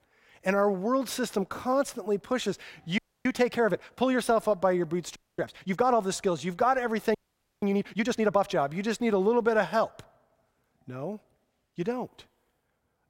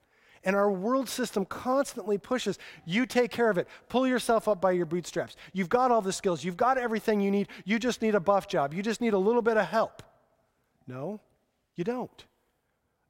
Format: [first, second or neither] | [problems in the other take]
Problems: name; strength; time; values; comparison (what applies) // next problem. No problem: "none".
second | audio freezing; at 3 s, at 5 s and at 7 s